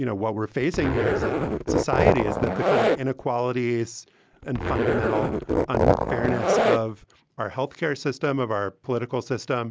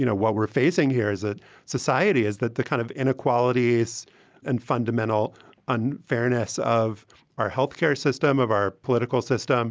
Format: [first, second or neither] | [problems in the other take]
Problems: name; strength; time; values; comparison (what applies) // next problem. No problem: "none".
second | background sound (Zipper (clothing)); 4 dB above the speech